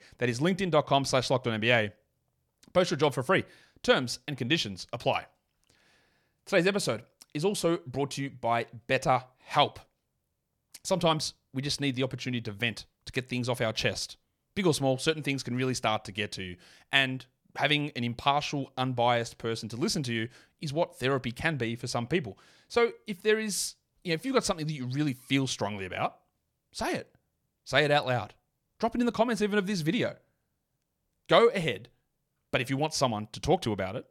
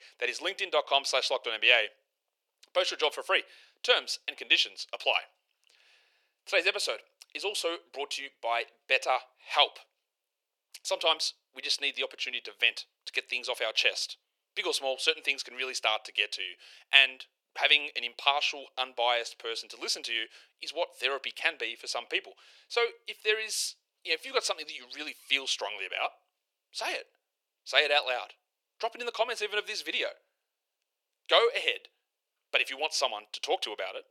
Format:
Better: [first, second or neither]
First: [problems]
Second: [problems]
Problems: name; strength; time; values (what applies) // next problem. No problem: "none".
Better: first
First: none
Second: thin; very; fading below 400 Hz